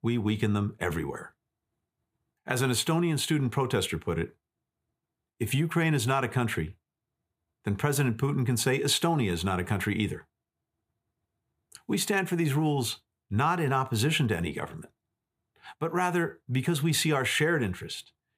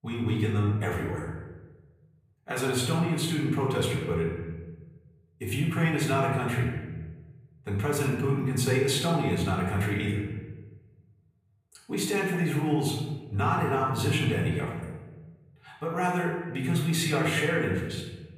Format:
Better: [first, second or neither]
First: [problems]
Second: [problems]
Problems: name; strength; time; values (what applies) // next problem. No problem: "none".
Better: first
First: none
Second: off-mic speech; far // room echo; noticeable; dies away in 1.1 s